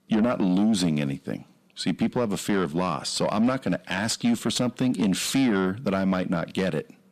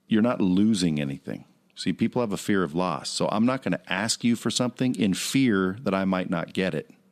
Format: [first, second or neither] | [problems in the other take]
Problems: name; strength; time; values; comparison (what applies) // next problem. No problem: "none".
second | distortion; slight; 10 dB below the speech